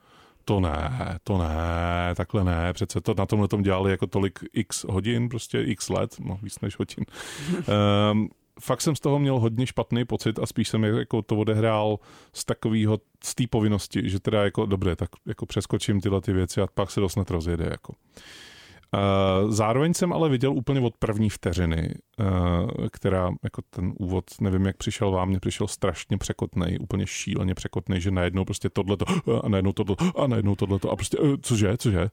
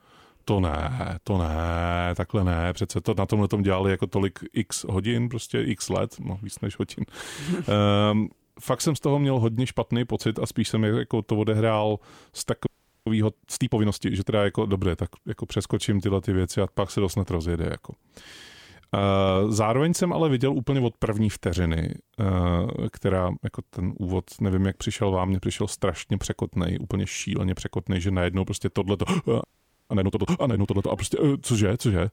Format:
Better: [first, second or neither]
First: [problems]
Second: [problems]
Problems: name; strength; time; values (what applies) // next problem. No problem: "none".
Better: first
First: none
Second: audio freezing; at 13 s and at 29 s